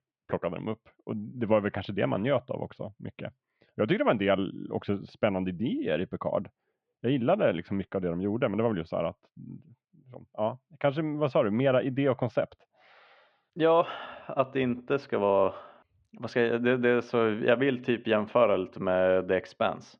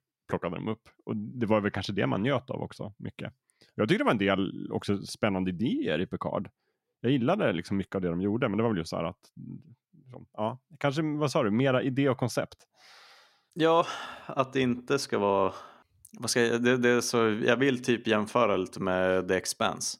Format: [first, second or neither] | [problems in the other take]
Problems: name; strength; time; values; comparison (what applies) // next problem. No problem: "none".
second | muffled; very; fading above 3 kHz